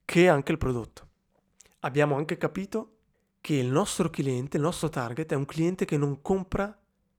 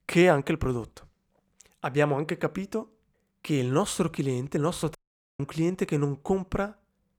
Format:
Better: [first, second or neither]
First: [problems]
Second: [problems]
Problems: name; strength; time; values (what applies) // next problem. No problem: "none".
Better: first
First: none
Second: audio cutting out; at 5 s